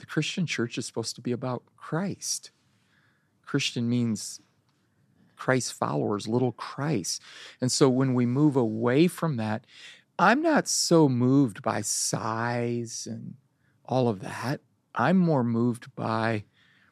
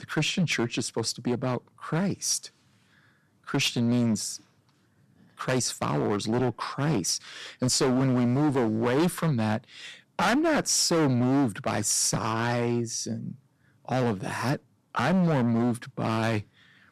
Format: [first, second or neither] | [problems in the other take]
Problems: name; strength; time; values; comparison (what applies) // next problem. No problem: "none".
first | distortion; heavy; 12% of the sound clipped